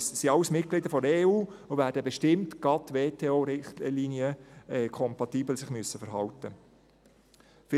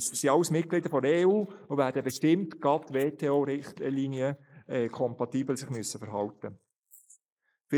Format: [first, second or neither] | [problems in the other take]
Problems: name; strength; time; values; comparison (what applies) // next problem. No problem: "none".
first | noise reduction (neural mask model Resemble Enhance denoiser)